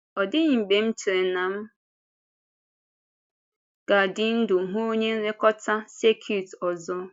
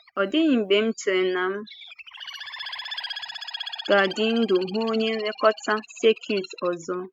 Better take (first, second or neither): first